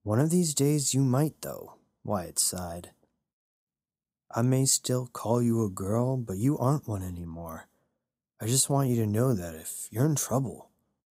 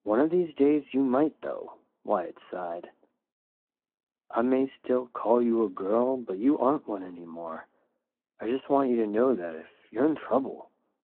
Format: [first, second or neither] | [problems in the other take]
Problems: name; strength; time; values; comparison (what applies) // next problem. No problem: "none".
first | phone-call audio